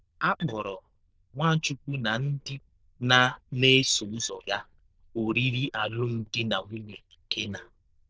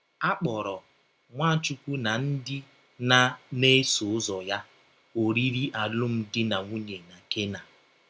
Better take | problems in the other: second | noise reduction (neural diffusion model UNIVERSE++)

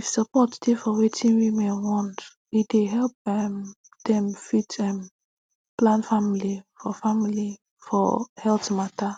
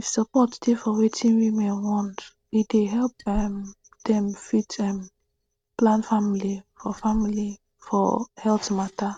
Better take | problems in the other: first | noise reduction (neural mask model RNNoise)

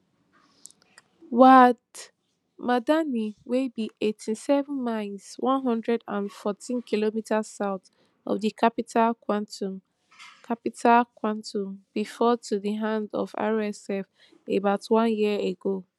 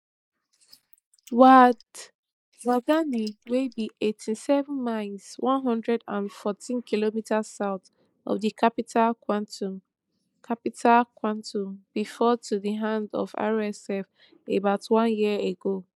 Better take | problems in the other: first | noise reduction (neural mask model Resemble Enhance denoiser)

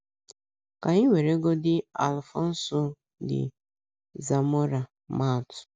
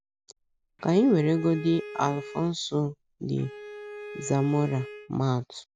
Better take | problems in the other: first | background sound (Bowed string instrument); 14 dB below the speech

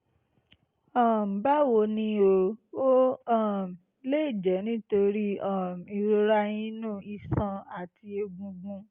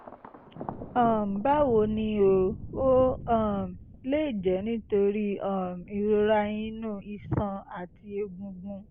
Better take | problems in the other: first | background sound (Thunder); 14 dB below the speech

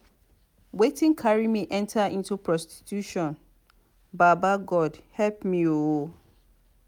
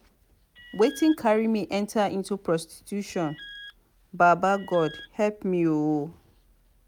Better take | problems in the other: first | background sound (Alarm); 20 dB below the speech

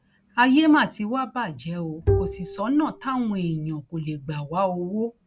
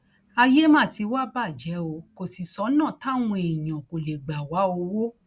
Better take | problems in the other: second | background sound (Bowed string instrument); 3 dB below the speech

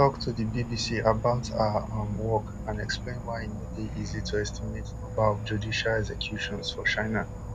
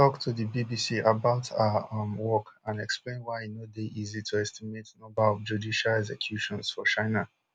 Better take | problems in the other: second | background sound (Insect / Frog); 7 dB below the speech

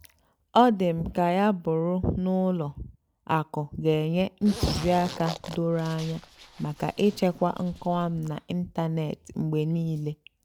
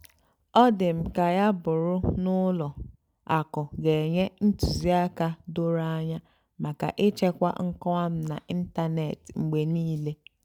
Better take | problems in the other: second | background sound (Zipper (clothing)); 15 dB below the speech

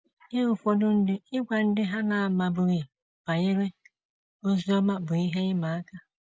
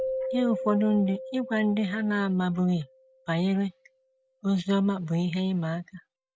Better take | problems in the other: first | background sound (Keyboard (musical)); 11 dB below the speech

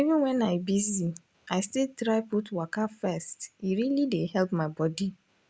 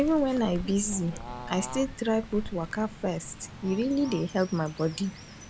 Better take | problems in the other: first | background sound (Bird / Fowl); 12 dB below the speech

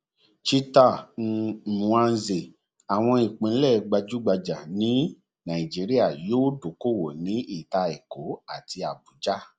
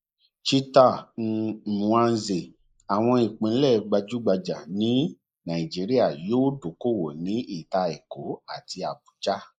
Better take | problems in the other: first | noise reduction (neural mask model Resemble Enhance denoiser)

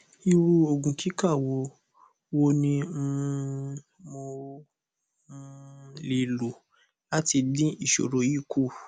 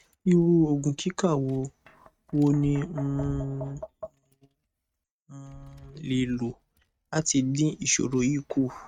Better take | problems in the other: first | noise reduction (neural mask model RNNoise)

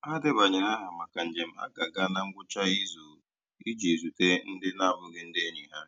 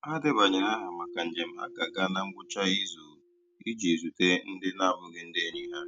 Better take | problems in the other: first | background sound (Keyboard (musical)); 15 dB below the speech

